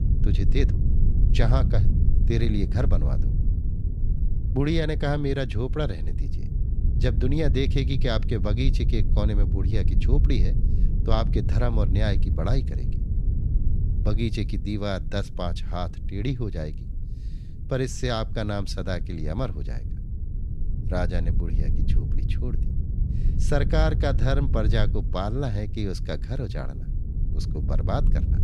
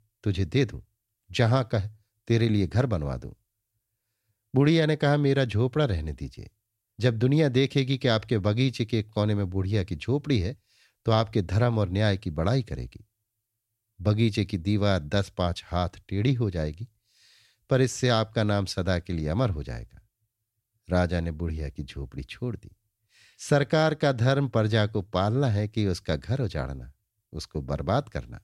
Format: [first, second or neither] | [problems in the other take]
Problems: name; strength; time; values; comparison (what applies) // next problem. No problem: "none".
second | low rumble; noticeable; throughout; 10 dB below the speech